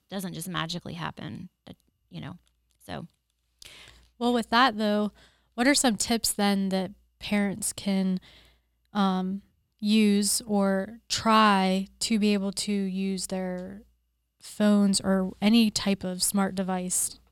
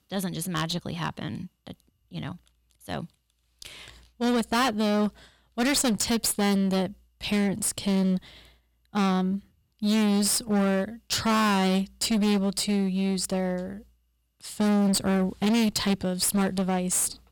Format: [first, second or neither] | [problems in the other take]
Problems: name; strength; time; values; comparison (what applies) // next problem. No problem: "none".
first | distortion; heavy; 16% of the sound clipped